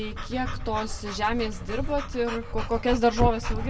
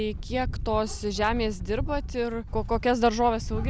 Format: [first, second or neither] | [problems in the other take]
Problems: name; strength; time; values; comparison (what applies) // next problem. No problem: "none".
second | background sound (Dog / Breathing); 7 dB below the speech // room echo; dies away in 1.6 s